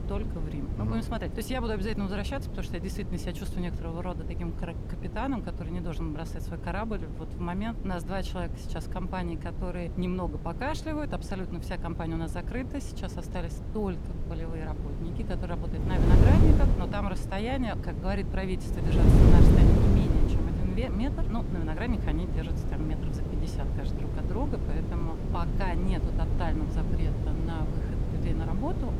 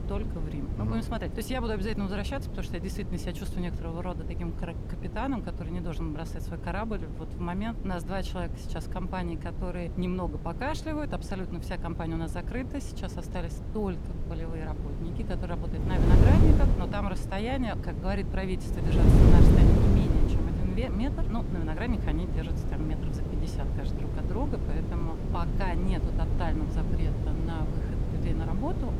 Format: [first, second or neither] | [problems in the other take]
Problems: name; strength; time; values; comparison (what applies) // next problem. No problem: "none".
neither | wind noise on the microphone; heavy; 2 dB below the speech; the same in both